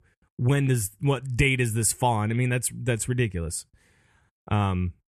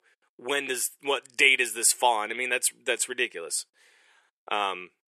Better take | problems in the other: first | thin; very; fading below 400 Hz

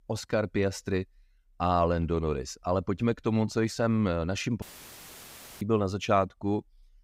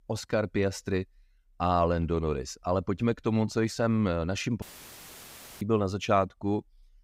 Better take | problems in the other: neither | audio cutting out; filled with static; at 4.5 s for 1 s; the same in both

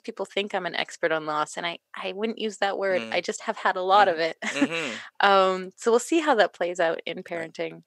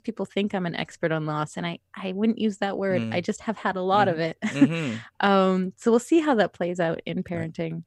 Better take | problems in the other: second | thin; somewhat; fading below 450 Hz

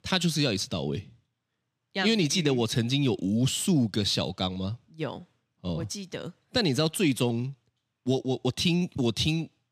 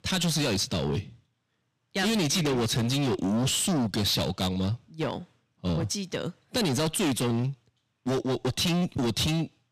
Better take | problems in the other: first | distortion; heavy; 22% of the sound clipped

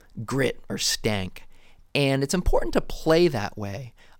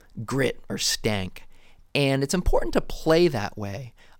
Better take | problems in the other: neither | none

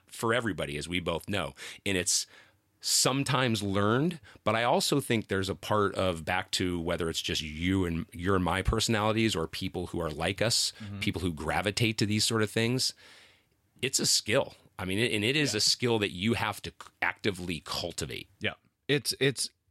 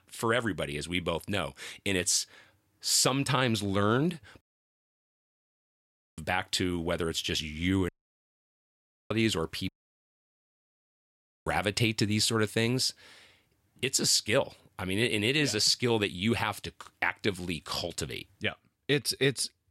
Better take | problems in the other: first | audio cutting out; at 4.5 s for 2 s, at 8 s for 1 s and at 9.5 s for 2 s

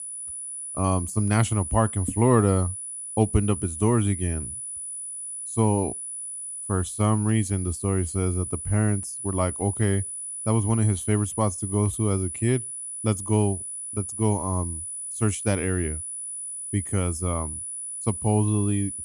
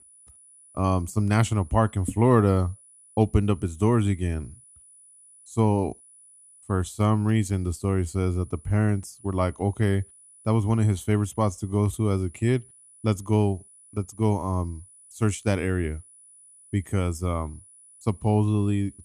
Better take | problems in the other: second | high-pitched whine; loud; throughout; 10 kHz, 6 dB below the speech; faint in the second

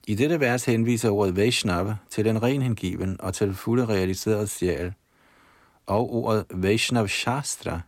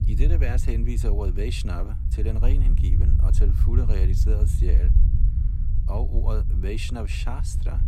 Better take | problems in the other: first | low rumble; loud; throughout; 5 dB below the speech

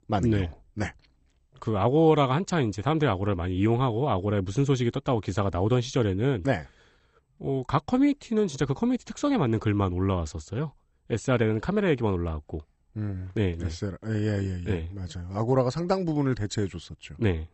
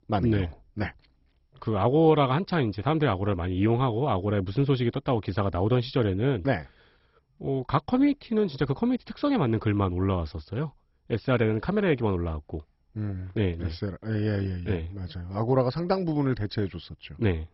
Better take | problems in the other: first | garbled, watery; badly; nothing above 5.5 kHz; slightly in the first

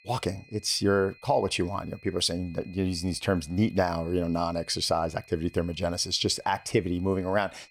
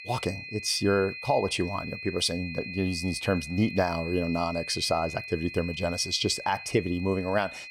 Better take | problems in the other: first | high-pitched whine; loud; throughout; 2.5 kHz, 9 dB below the speech; faint in the first

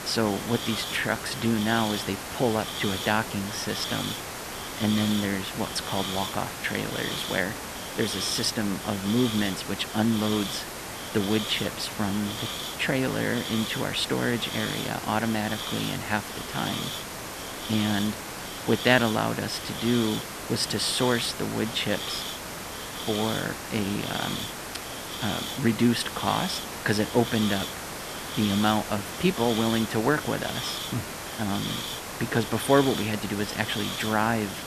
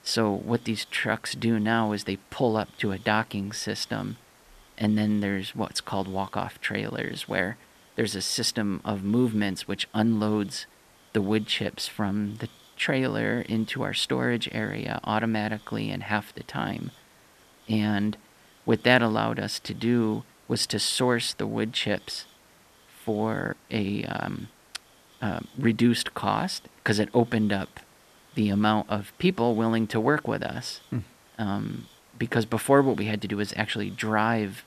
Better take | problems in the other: second | hiss; loud; throughout; 5 dB below the speech; faint in the second

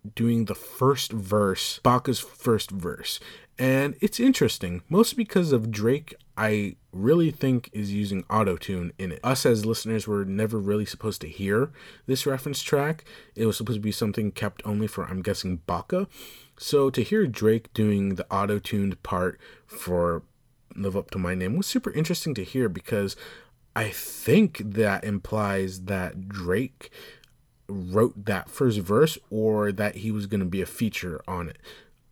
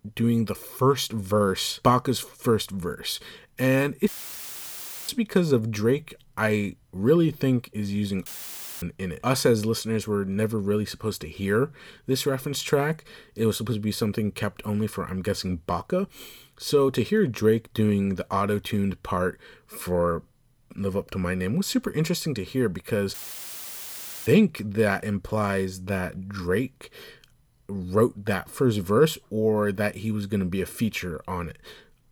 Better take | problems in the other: first | audio cutting out; filled with static; at 4 s for 1 s, at 8.5 s for 0.5 s and at 23 s for 1 s

